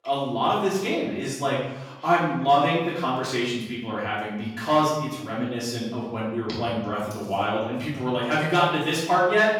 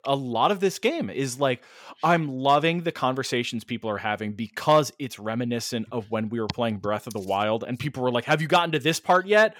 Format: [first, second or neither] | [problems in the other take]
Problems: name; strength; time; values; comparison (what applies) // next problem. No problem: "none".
second | off-mic speech; far // room echo; noticeable; dies away in 0.8 s